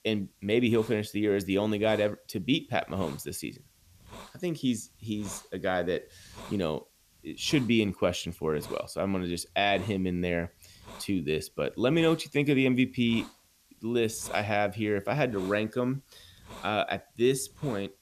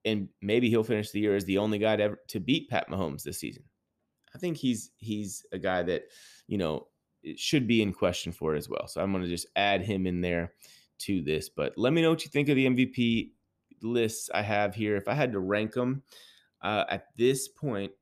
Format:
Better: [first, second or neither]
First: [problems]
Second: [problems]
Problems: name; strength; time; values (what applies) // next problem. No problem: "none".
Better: second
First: hiss; faint; throughout; 20 dB below the speech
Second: none